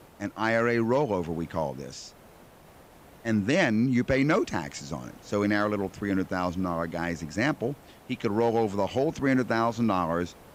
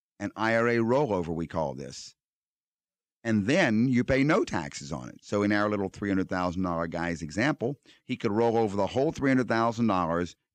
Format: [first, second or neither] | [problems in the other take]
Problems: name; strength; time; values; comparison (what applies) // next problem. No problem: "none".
second | hiss; faint; throughout; 25 dB below the speech